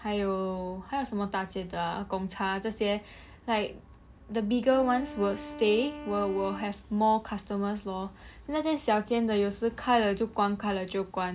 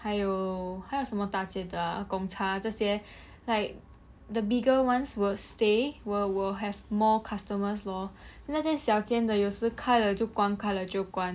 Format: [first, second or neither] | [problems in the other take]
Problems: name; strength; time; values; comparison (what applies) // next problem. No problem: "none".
second | background sound (Wind instrument, woodwind instrument); 15 dB below the speech